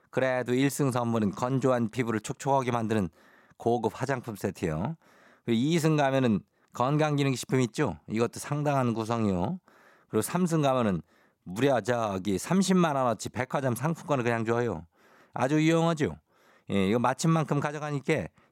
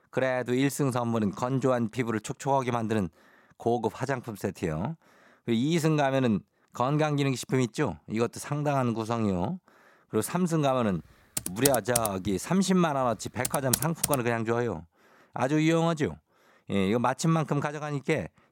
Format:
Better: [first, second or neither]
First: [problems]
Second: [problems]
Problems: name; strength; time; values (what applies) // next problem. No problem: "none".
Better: first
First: none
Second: keyboard typing; loud; from 11 to 14 s; peak 1 dB above the speech